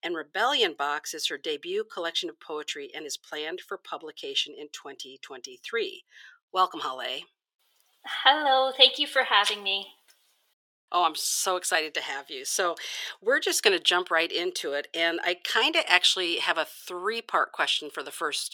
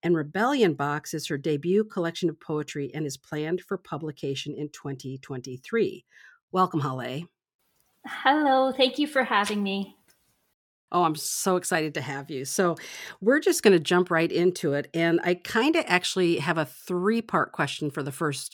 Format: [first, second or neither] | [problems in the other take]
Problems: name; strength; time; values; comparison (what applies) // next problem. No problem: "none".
second | thin; very; fading below 500 Hz